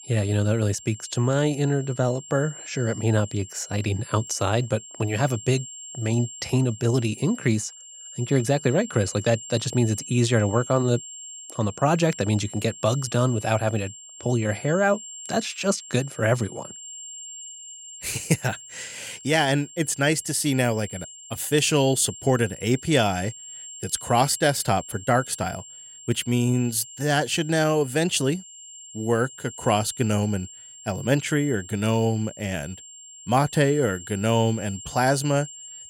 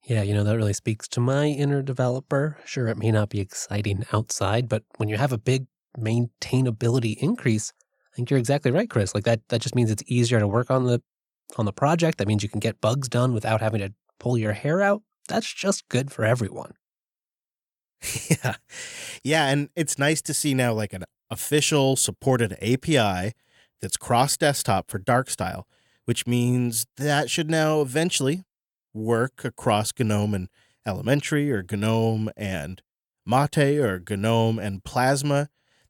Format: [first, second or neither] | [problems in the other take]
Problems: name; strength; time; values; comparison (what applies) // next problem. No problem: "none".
second | high-pitched whine; noticeable; throughout; 7.5 kHz, 15 dB below the speech